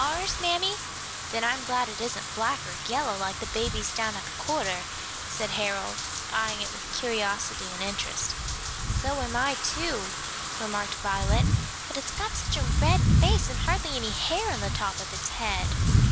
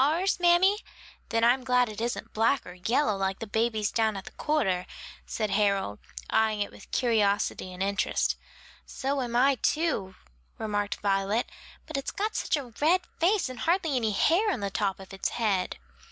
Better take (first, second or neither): second